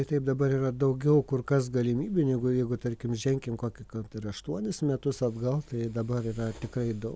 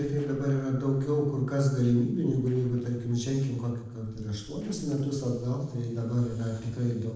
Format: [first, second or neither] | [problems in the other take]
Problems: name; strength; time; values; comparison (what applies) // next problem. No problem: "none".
first | noise reduction (neural separator model SepFormer DNS4)